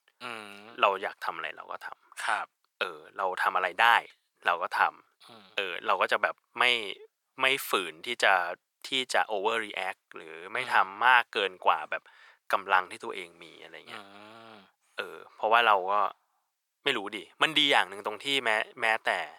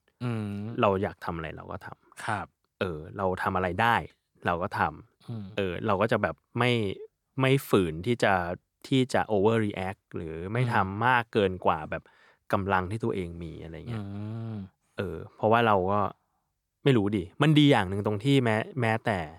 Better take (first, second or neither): second